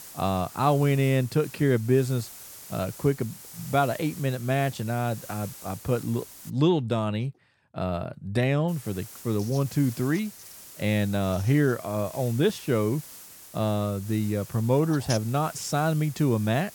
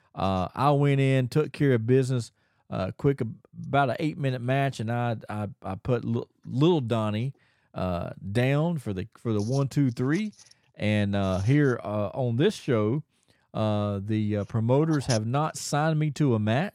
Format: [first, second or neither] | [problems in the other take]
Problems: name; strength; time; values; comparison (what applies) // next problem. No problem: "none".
second | hiss; noticeable; until 6.5 s and from 8.5 s on; 15 dB below the speech